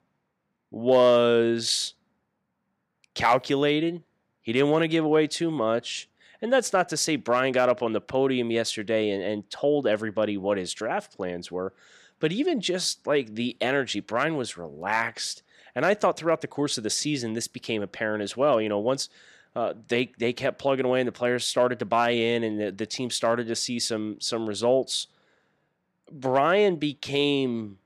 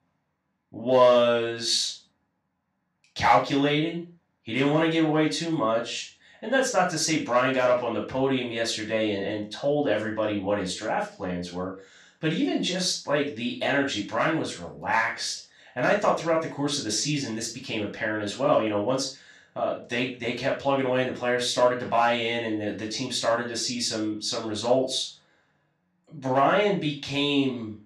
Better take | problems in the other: first | room echo; noticeable; dies away in 0.3 s // off-mic speech; far

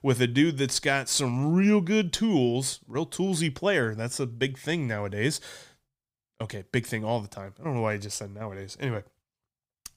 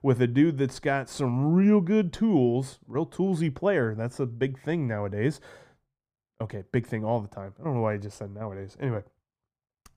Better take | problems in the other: first | muffled; slightly; fading above 2 kHz

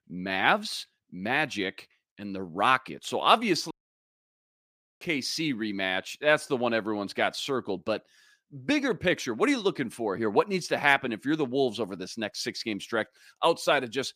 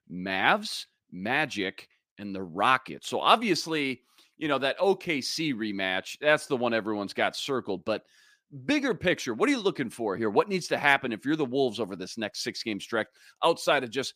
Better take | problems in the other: second | audio cutting out; at 3.5 s for 1.5 s

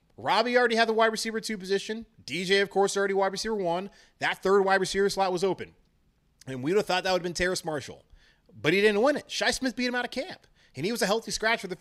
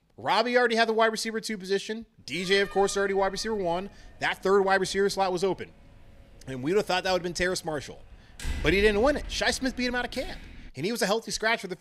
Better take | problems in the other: first | door banging; noticeable; from 2.5 to 11 s; peak 8 dB below the speech

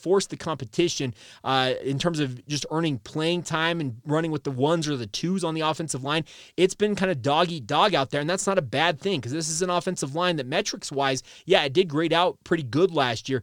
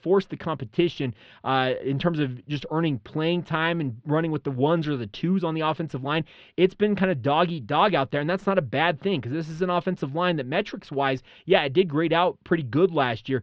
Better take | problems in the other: first | muffled; very; fading above 3 kHz

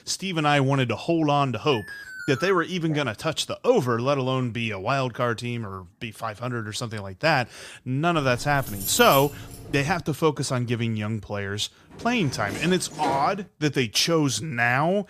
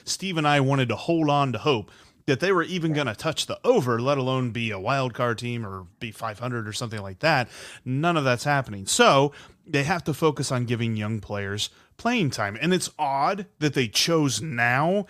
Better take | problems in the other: second | alarm; faint; at 1.5 s; peak 10 dB below the speech // jangling keys; noticeable; from 8 to 10 s; peak 5 dB below the speech // door banging; noticeable; from 12 to 13 s; peak 7 dB below the speech

